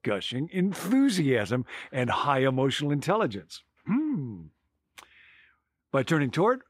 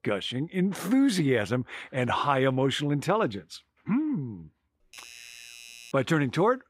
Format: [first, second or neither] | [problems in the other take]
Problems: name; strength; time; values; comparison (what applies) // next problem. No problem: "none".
first | doorbell; faint; from 5 to 6 s; peak 15 dB below the speech